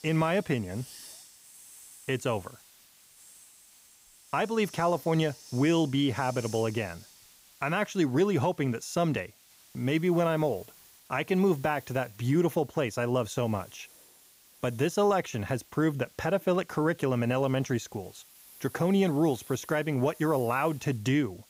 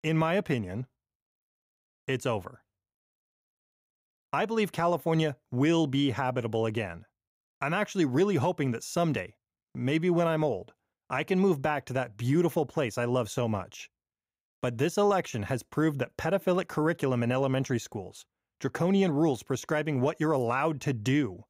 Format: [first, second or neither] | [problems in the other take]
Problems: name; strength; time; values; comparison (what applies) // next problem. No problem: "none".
second | hiss; faint; throughout; 20 dB below the speech